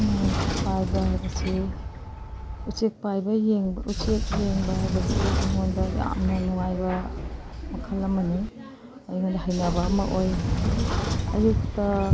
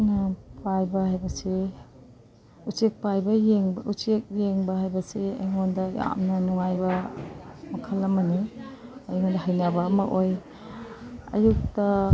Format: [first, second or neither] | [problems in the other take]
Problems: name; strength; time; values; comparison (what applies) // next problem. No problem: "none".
second | background sound (Sliding door / Train); 2 dB below the speech